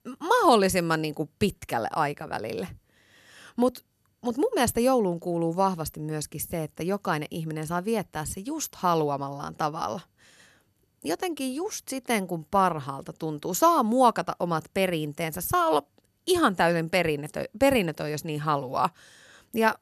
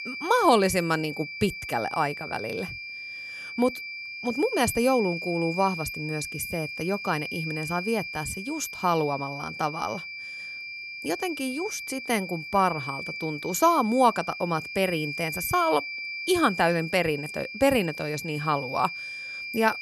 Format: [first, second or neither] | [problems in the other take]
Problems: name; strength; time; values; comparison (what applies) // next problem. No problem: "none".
first | high-pitched whine; loud; throughout; 2.5 kHz, 7 dB below the speech